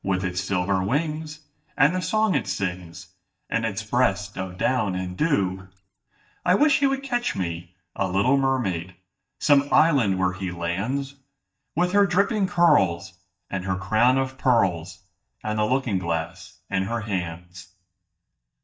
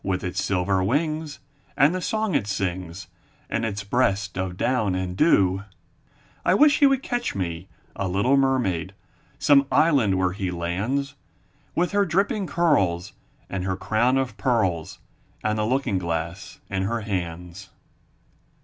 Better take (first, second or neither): second